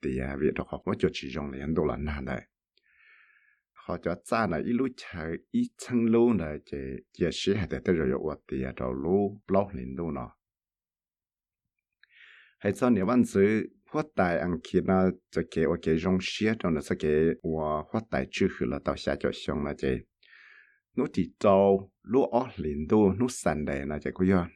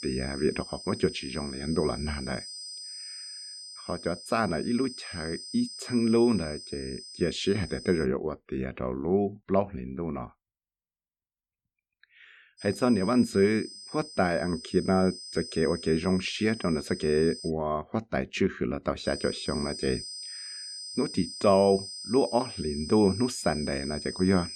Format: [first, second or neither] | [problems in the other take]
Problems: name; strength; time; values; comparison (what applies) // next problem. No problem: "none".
first | high-pitched whine; noticeable; until 8 s, from 13 to 17 s and from 19 s on; 5 kHz, 10 dB below the speech